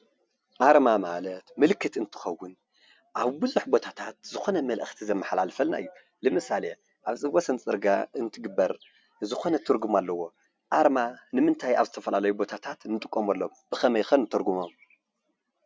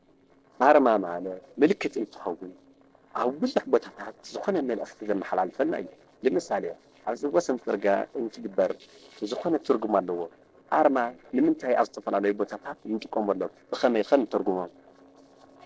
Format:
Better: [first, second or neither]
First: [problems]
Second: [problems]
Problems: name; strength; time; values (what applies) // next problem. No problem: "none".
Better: first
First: none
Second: noise reduction (neural separator model SepFormer DNS4)